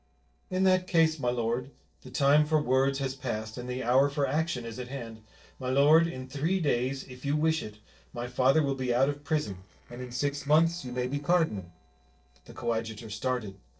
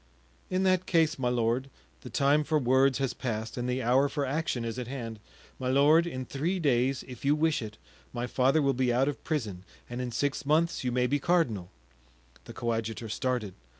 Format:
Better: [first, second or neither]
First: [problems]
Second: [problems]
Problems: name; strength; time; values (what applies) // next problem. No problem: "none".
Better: second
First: noise reduction (neural separator model SepFormer DNS4)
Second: none